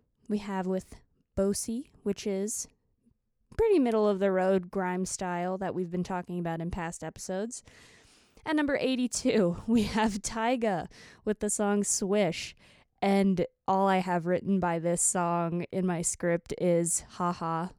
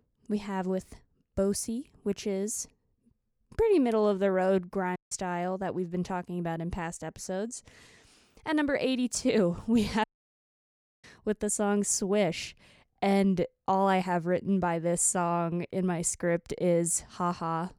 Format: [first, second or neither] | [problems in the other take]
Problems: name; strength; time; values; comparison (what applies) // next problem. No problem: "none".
first | audio cutting out; at 5 s and at 10 s for 1 s